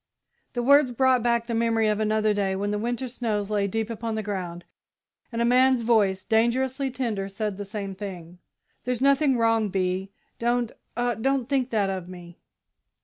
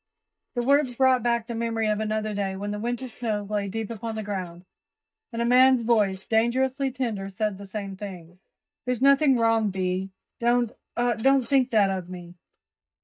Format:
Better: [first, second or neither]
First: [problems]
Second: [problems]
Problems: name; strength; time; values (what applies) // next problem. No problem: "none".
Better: first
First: none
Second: noise reduction (neural mask model DeepFilterNet 3)